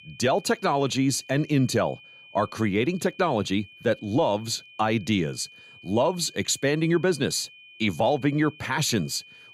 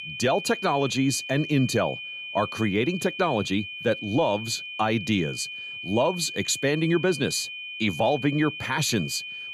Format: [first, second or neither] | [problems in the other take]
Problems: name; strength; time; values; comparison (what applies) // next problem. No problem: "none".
first | high-pitched whine; loud; throughout; 2.5 kHz, 8 dB below the speech; faint in the first